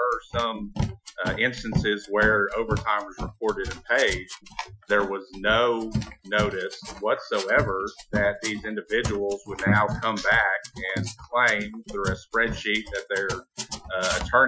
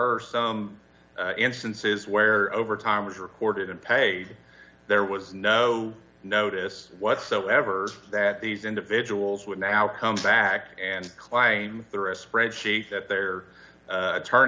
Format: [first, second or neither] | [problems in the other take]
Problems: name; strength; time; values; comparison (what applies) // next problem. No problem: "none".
second | noise reduction (classical method Wiener filter)